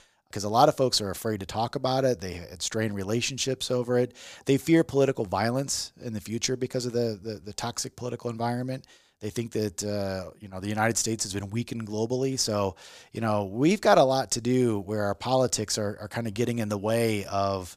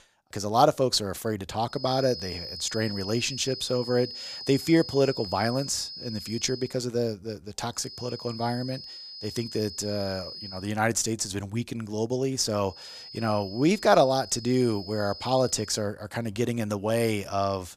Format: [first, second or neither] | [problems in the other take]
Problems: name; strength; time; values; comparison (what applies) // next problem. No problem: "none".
first | high-pitched whine; noticeable; from 2 to 6.5 s, from 8 to 11 s and from 13 to 16 s; 5 kHz, 10 dB below the speech